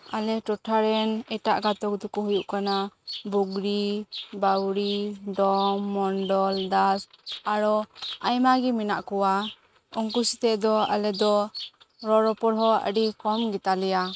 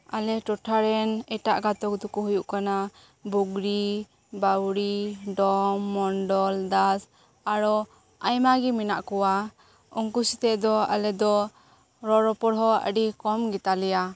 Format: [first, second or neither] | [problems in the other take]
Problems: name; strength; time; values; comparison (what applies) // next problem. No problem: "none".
second | noise reduction (neural mask model RNNoise)